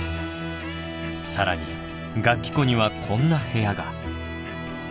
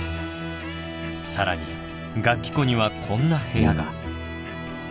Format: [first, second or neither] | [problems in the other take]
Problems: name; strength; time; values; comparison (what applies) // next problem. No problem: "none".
first | background sound (Brass instrument); 1 dB above the speech